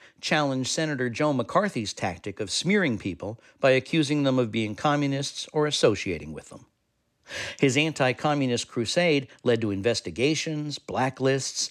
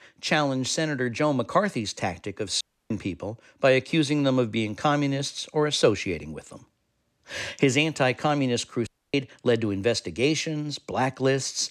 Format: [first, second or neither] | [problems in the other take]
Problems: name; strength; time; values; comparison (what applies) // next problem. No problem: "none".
first | audio cutting out; at 2.5 s and at 9 s